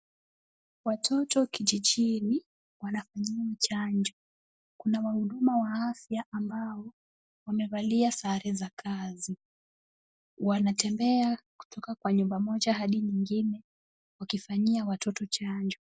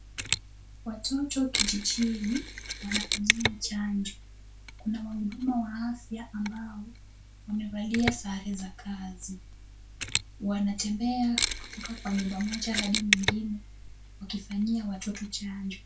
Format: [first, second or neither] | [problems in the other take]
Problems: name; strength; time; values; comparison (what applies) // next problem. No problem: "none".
first | background sound (Mechanisms); 3 dB below the speech // room echo; dies away in 0.2 s